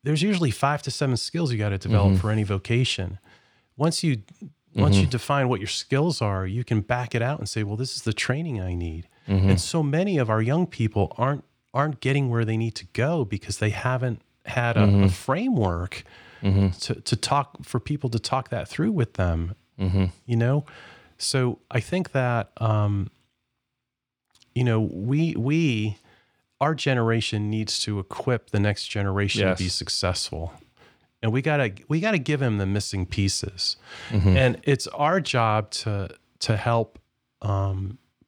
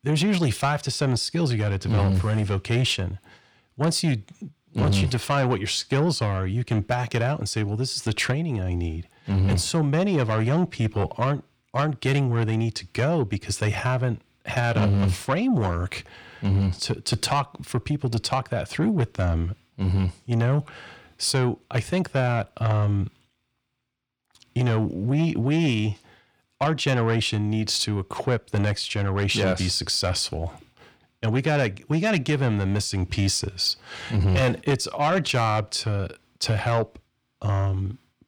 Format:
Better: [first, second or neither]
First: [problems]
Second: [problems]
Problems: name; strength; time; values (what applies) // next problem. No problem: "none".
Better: first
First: none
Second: distortion; slight; 10 dB below the speech